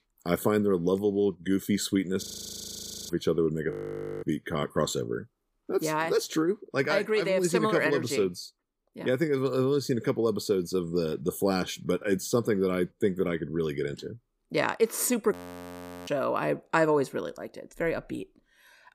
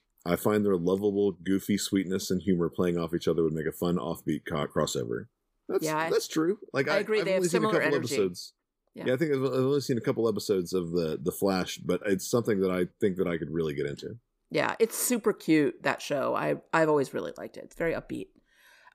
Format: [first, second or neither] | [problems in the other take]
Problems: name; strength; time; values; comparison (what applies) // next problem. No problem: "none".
second | audio freezing; at 2 s for 1 s, at 3.5 s for 0.5 s and at 15 s for 0.5 s